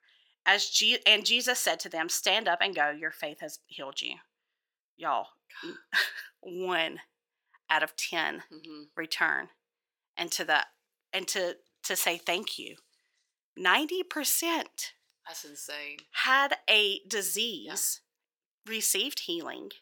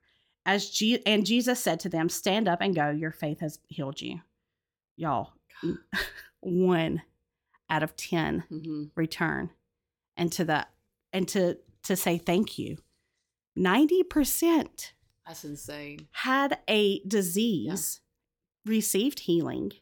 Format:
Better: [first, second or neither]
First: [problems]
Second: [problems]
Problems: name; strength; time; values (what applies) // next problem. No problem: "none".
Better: second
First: thin; very; fading below 600 Hz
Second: none